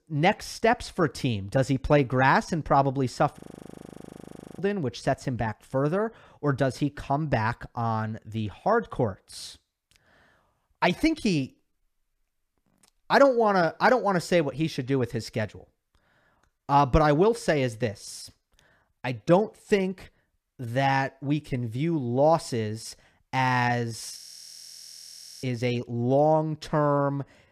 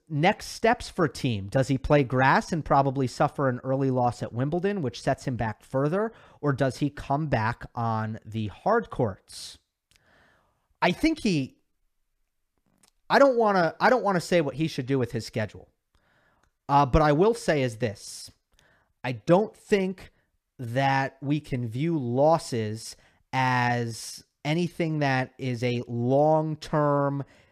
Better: second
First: audio freezing; at 3.5 s for 1 s and at 24 s for 1.5 s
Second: none

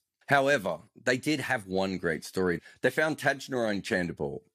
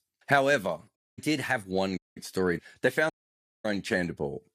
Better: first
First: none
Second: audio cutting out; at 1 s, at 2 s and at 3 s for 0.5 s

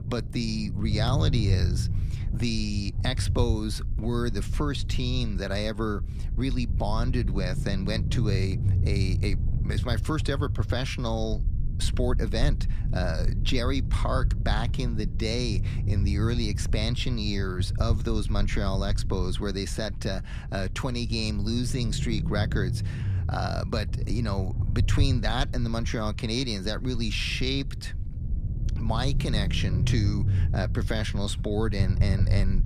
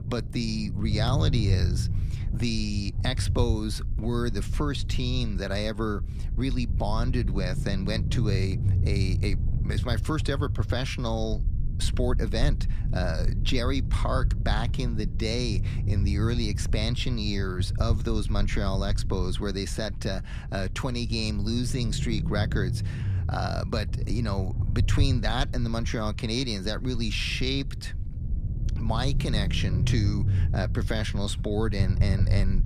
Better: neither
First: low rumble; noticeable; throughout; 10 dB below the speech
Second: low rumble; noticeable; throughout; 10 dB below the speech

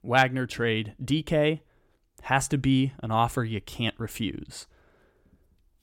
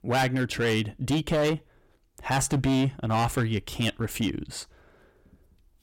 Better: first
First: none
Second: distortion; heavy; 11% of the sound clipped

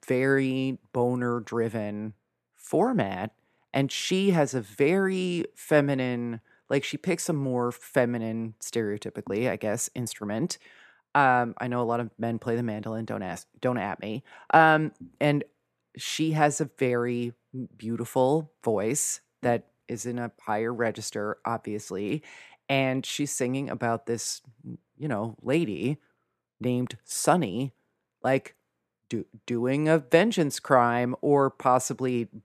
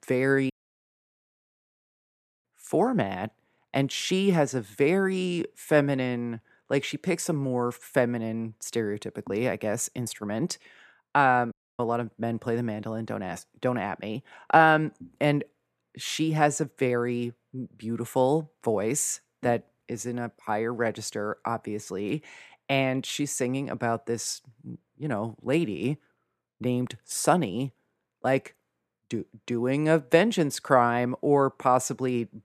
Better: first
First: none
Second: audio cutting out; at 0.5 s for 2 s and at 12 s

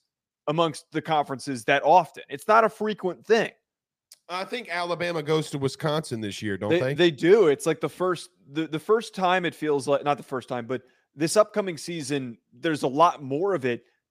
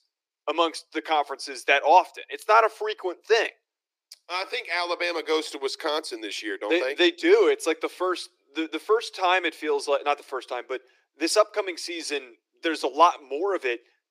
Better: first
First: none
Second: thin; very; fading below 300 Hz

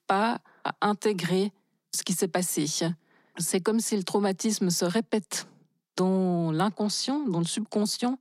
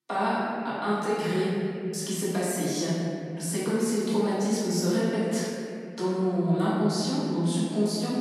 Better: first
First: none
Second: off-mic speech; far // room echo; strong; dies away in 2.6 s

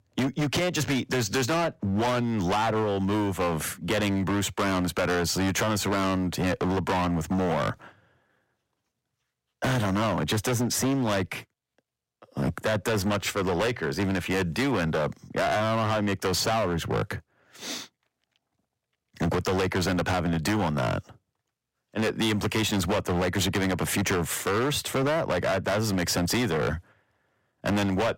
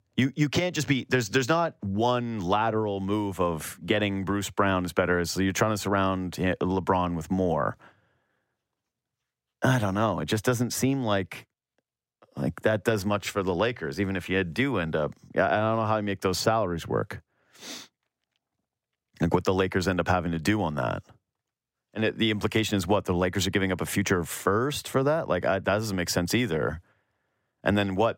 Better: second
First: distortion; heavy; 22% of the sound clipped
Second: none

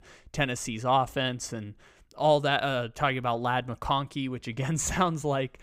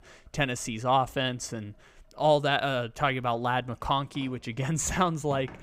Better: first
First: none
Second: household noises; faint; throughout; 25 dB below the speech

